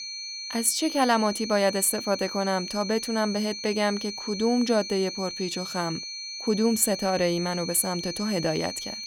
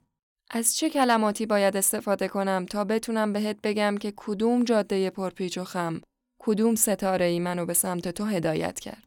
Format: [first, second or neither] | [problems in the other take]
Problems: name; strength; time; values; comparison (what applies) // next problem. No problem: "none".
second | high-pitched whine; loud; throughout; 4.5 kHz, 7 dB below the speech